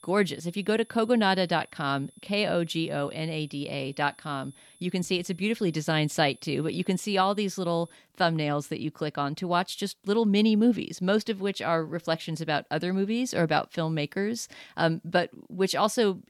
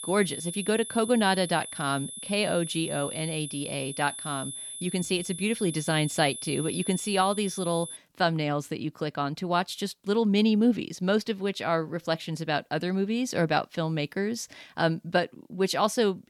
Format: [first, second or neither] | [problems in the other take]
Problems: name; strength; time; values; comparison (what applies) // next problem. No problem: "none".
first | high-pitched whine; loud; until 8 s; 10.5 kHz, 8 dB below the speech; faint in the first